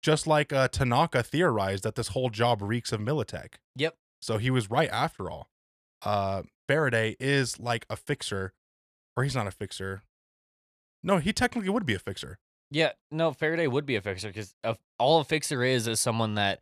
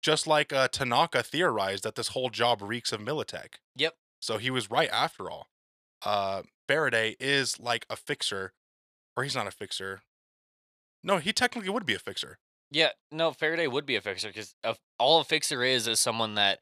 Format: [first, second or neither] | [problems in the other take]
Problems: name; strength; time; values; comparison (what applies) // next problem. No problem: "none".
first | thin; somewhat; fading below 500 Hz